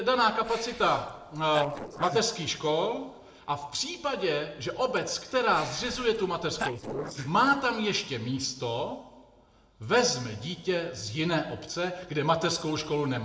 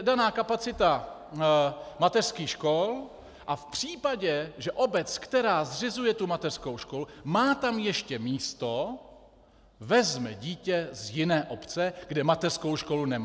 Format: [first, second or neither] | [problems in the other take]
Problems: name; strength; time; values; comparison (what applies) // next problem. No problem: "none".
second | noise reduction (neural separator model SepFormer DNS4)